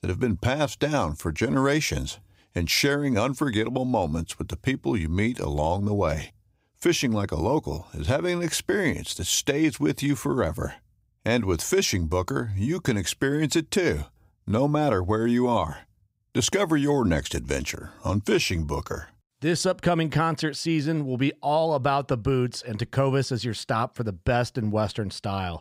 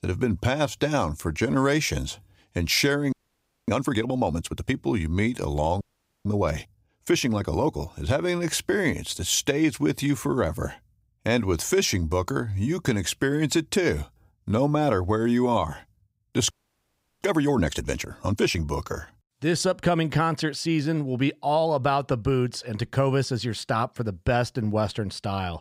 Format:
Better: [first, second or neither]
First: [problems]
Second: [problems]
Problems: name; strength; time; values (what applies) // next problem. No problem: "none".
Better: first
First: none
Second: audio freezing; at 3 s for 0.5 s, at 6 s and at 17 s for 0.5 s